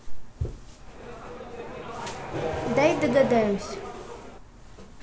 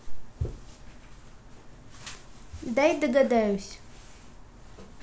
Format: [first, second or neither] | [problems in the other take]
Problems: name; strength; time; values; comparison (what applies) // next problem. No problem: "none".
second | background sound (Accelerating, revving, vroom); 5 dB below the speech